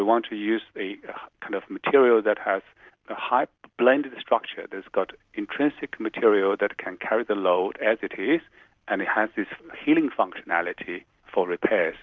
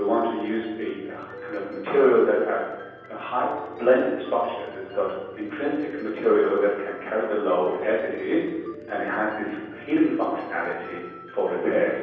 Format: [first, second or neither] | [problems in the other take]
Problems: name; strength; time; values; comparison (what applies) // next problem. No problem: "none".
first | background sound (Piano); 17 dB below the speech // room echo; dies away in 1.1 s